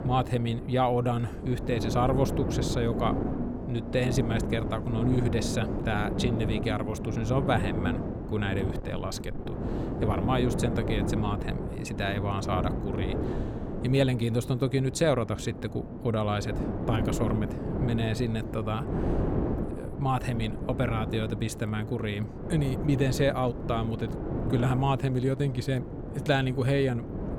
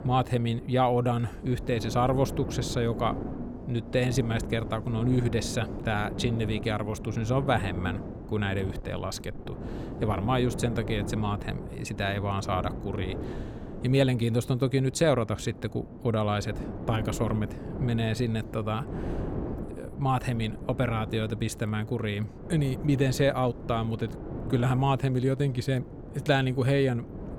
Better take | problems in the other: second | wind noise on the microphone; heavy; 6 dB below the speech; occasional gusts in the second

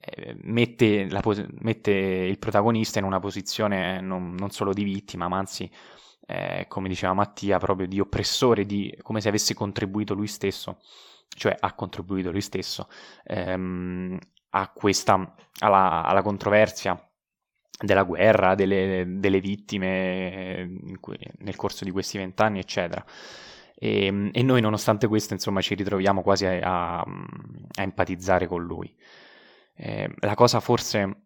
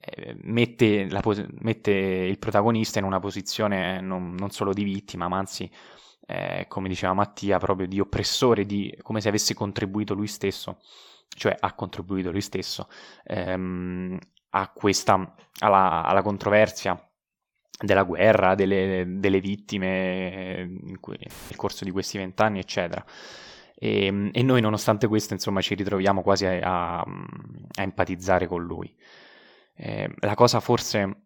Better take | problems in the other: first | audio cutting out; filled with static; at 21 s

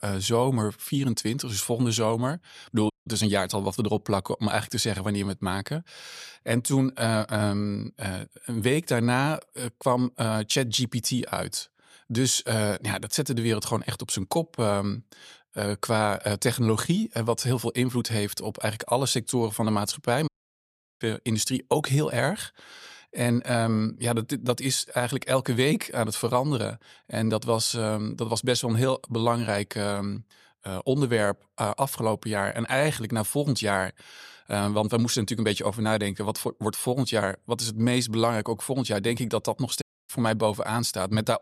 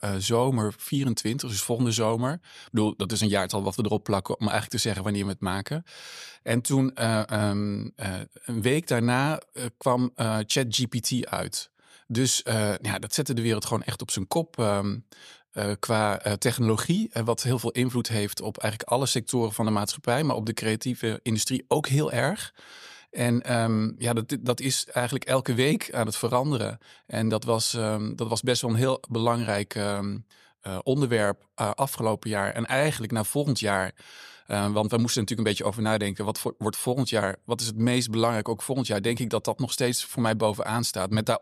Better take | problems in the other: second | audio cutting out; at 3 s, at 20 s for 0.5 s and at 40 s

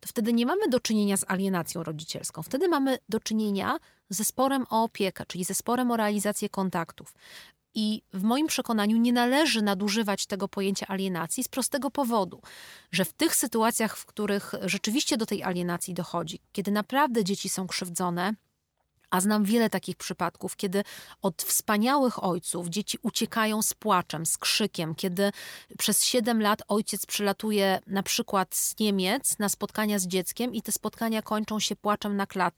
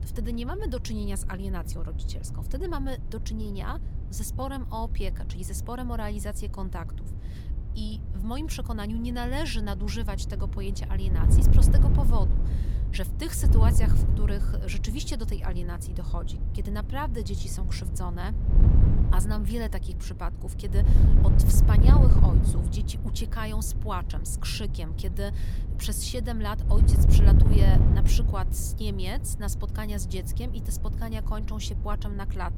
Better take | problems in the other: first | wind noise on the microphone; heavy; 4 dB below the speech

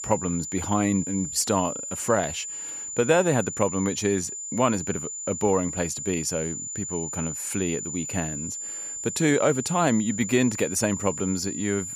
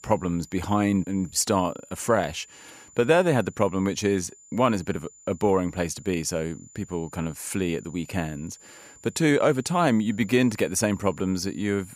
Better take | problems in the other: second | high-pitched whine; loud; throughout; 7 kHz, 6 dB below the speech; faint in the second

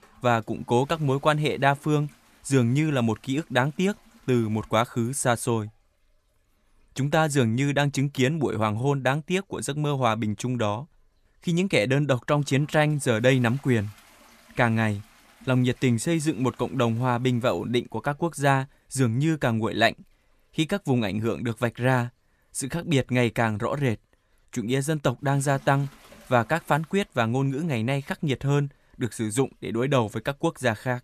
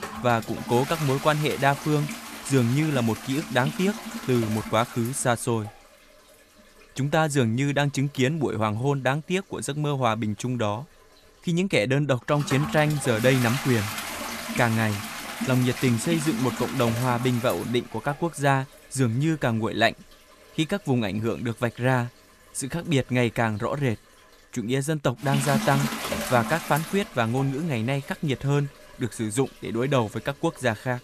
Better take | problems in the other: first | household noises; loud; throughout; 8 dB below the speech; faint in the first

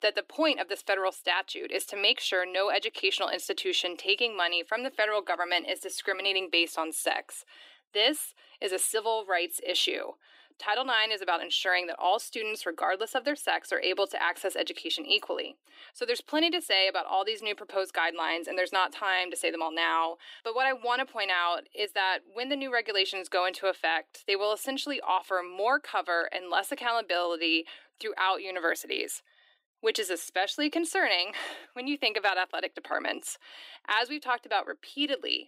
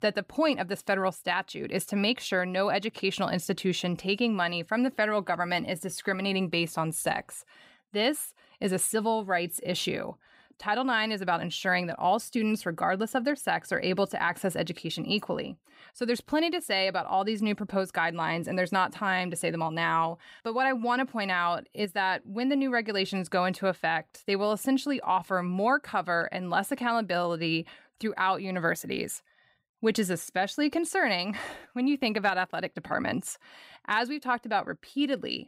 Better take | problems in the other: second | thin; somewhat; fading below 300 Hz

